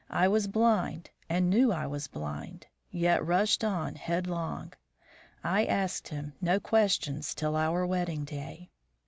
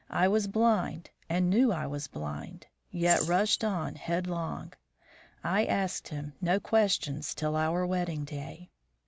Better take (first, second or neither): first